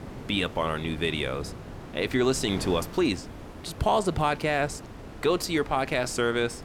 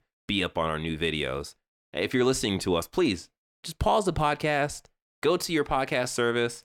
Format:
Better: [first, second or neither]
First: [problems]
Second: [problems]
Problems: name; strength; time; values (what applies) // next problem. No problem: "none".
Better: second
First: wind noise on the microphone; occasional gusts; 15 dB below the speech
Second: none